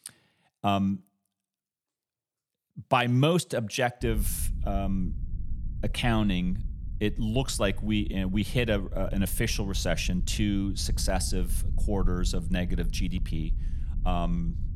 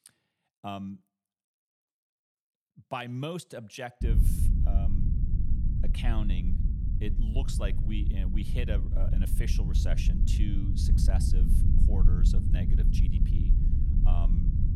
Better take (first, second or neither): first